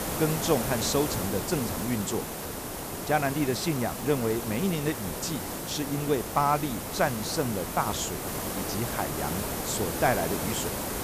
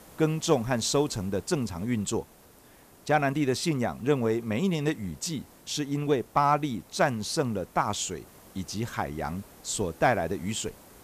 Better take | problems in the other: second | hiss; loud; throughout; 3 dB below the speech; faint in the second

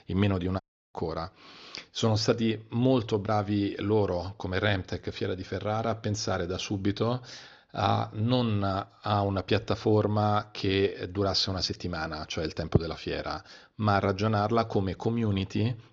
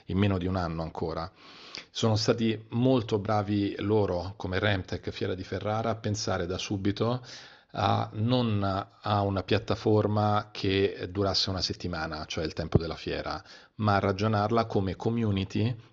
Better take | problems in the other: second | audio cutting out; at 0.5 s

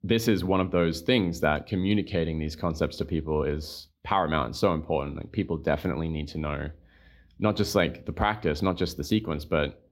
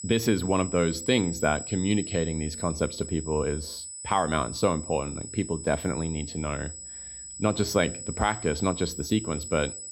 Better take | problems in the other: first | high-pitched whine; loud; throughout; 8 kHz, 9 dB below the speech

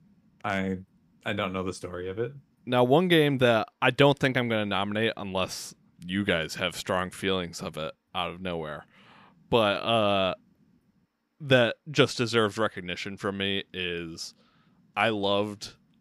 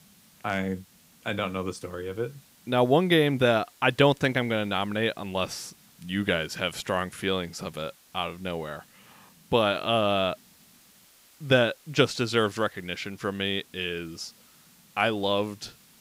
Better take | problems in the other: first | hiss; faint; throughout; 30 dB below the speech

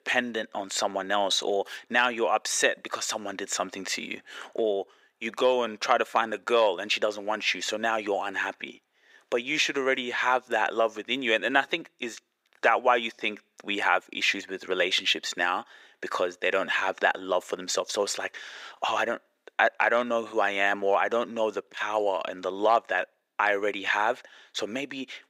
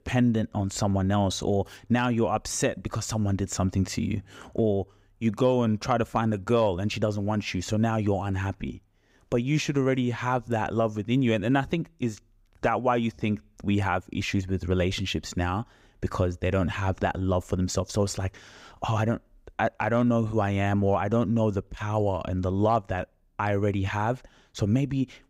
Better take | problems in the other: second | thin; very; fading below 400 Hz

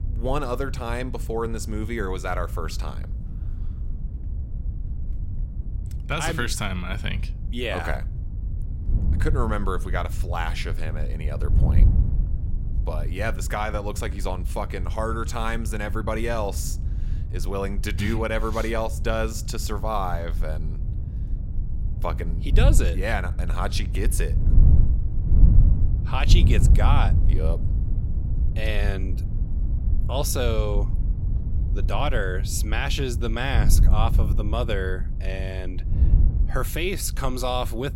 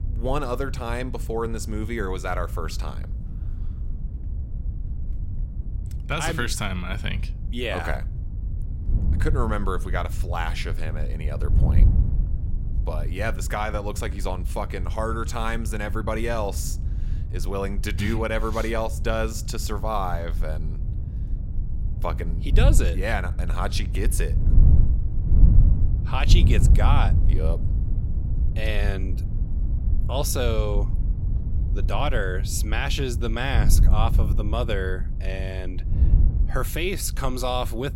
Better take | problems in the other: neither | wind noise on the microphone; occasional gusts; 15 dB below the speech; the same in both

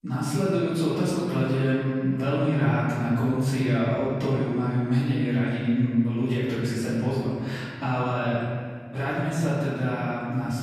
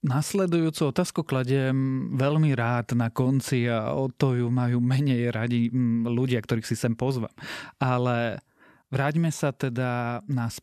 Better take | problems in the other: second | room echo; strong; dies away in 1.8 s // off-mic speech; far

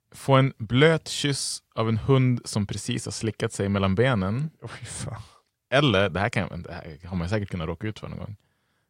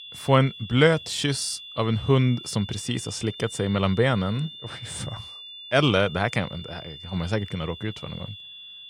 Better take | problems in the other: first | high-pitched whine; noticeable; throughout; 3.5 kHz, 15 dB below the speech

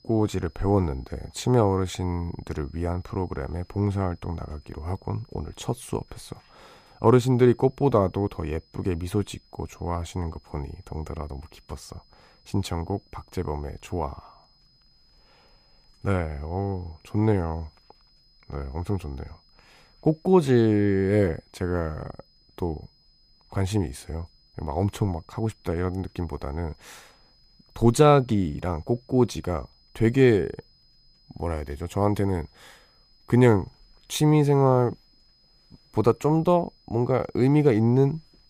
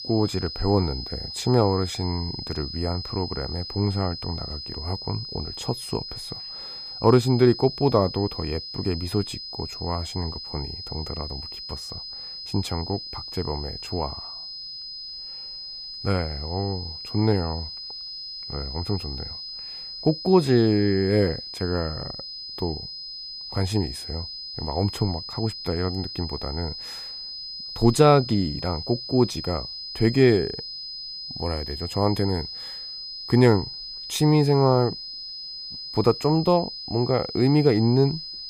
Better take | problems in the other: first | high-pitched whine; loud; throughout; 5 kHz, 9 dB below the speech; faint in the first

